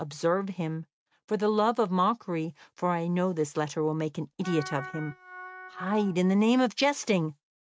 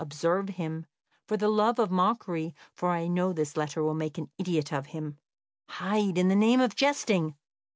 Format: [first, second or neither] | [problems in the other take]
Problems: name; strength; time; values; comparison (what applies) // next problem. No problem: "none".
second | noise reduction (neural mask model RNNoise)